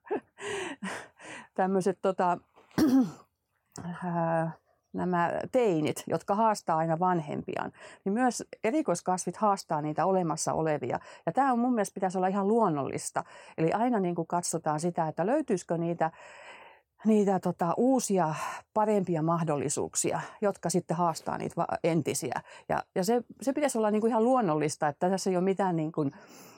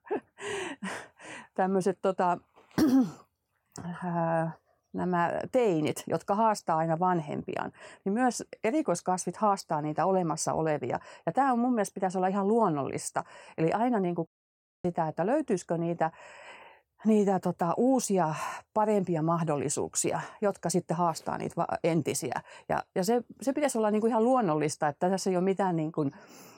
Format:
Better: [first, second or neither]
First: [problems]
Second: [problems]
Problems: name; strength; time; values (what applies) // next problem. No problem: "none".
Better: first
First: none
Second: audio cutting out; at 14 s for 0.5 s